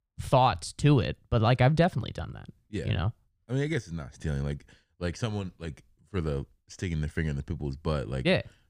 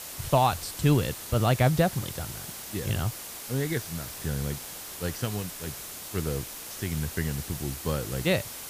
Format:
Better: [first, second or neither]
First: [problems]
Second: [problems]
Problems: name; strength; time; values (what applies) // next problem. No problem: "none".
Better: first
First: none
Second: hiss; loud; throughout; 8 dB below the speech